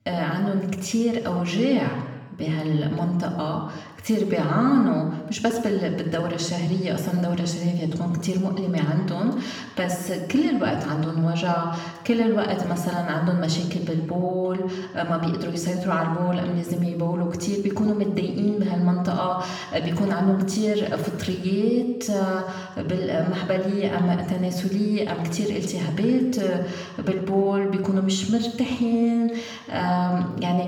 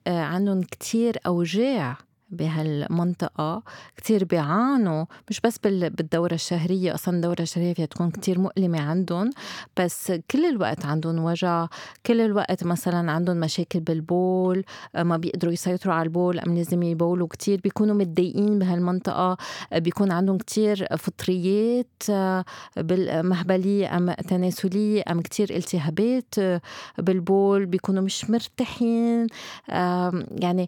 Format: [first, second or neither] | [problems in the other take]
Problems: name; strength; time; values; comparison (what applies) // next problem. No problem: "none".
second | room echo; noticeable; dies away in 1.1 s // off-mic speech; somewhat distant